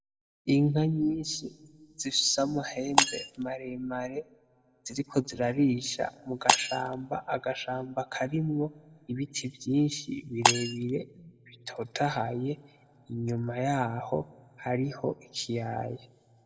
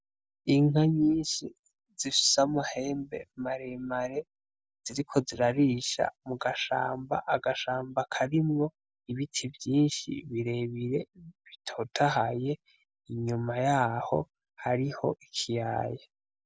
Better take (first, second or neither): second